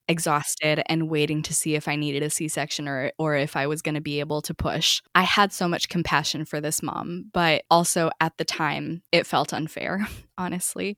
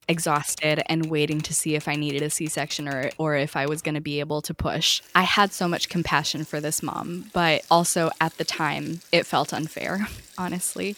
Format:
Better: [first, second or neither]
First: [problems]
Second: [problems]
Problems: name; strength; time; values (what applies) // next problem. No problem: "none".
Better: first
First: none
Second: household noises; faint; throughout; 20 dB below the speech